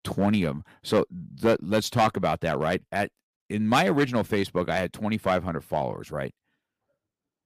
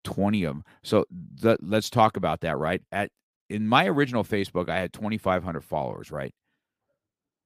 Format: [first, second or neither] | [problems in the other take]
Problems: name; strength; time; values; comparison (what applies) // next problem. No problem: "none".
second | distortion; slight; 2% of the sound clipped